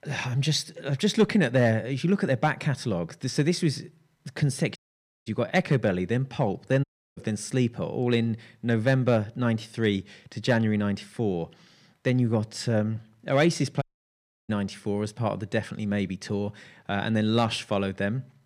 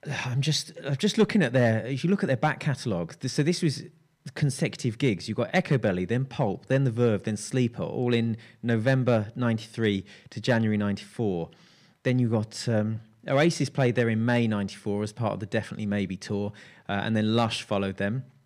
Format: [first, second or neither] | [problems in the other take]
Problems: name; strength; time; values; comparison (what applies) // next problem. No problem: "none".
second | audio cutting out; at 5 s for 0.5 s, at 7 s and at 14 s for 0.5 s